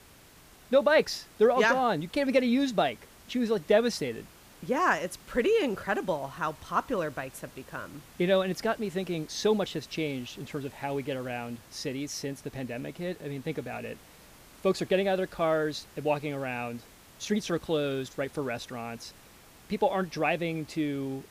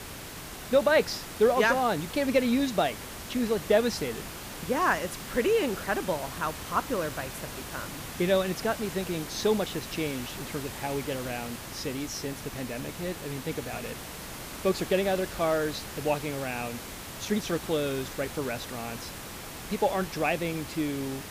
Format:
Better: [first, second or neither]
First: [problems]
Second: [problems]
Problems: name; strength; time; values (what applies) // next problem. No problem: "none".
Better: first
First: hiss; faint; throughout; 25 dB below the speech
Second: hiss; loud; throughout; 10 dB below the speech